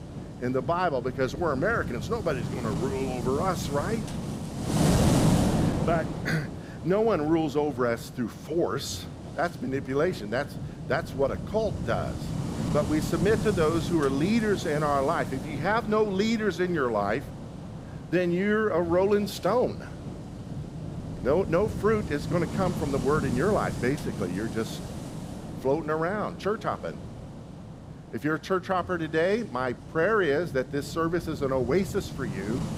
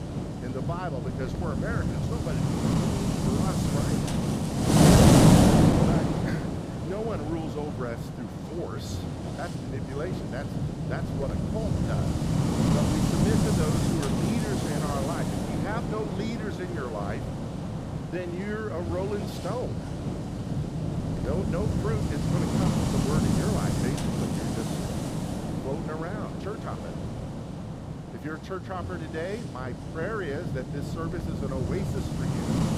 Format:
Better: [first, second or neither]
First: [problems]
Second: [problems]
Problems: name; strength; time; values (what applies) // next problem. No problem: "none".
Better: first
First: wind noise on the microphone; occasional gusts; 10 dB below the speech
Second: wind noise on the microphone; heavy; 4 dB above the speech